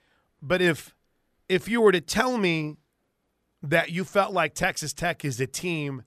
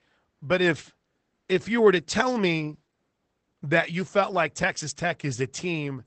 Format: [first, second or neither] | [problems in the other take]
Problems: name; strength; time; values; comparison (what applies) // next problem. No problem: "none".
first | garbled, watery; badly; nothing above 8 kHz